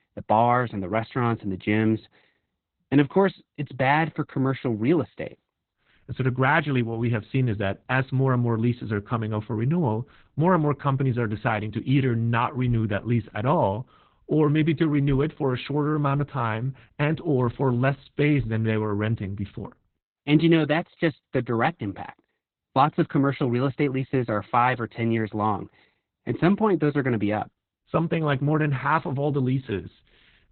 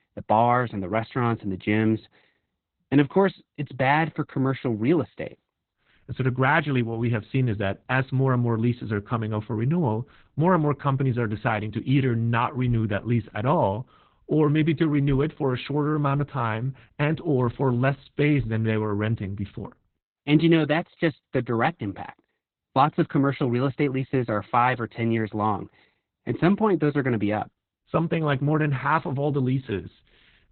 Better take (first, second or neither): neither